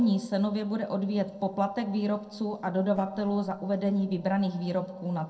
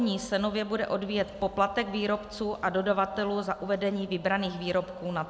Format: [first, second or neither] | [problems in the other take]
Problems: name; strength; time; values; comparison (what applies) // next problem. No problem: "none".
second | noise reduction (neural separator model SepFormer DNS4)